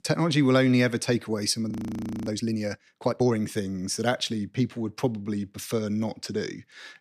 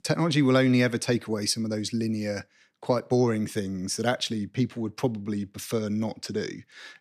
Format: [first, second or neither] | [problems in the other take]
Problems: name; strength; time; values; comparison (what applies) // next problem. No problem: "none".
second | audio freezing; at 1.5 s for 0.5 s